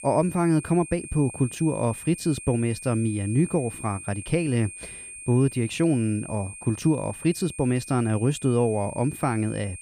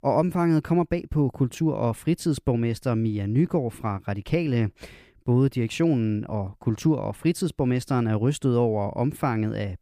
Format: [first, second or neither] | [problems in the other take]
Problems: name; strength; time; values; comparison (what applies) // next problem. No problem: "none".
second | high-pitched whine; noticeable; throughout; 8.5 kHz, 15 dB below the speech